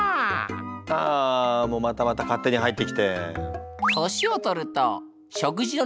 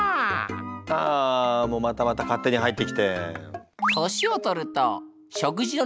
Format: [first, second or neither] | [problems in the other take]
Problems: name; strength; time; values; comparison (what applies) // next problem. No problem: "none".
second | background sound (Bell); 16 dB below the speech